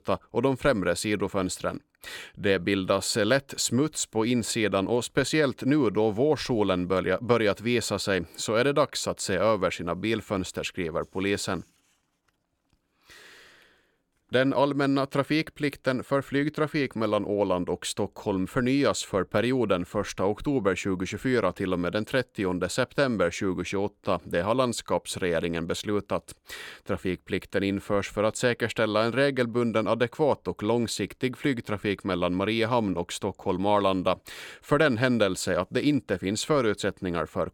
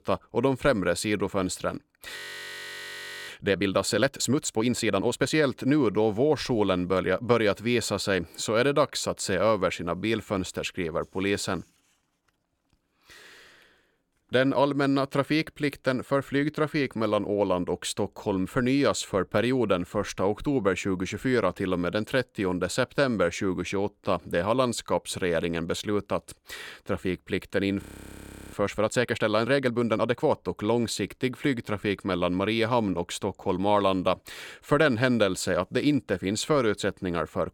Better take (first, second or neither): first